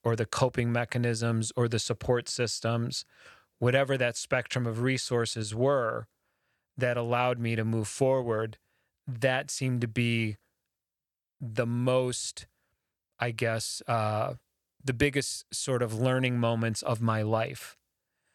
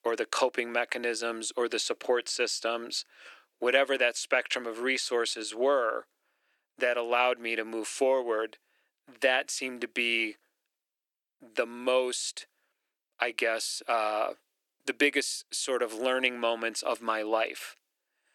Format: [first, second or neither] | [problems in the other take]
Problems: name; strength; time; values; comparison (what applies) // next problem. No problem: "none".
first | thin; somewhat; fading below 300 Hz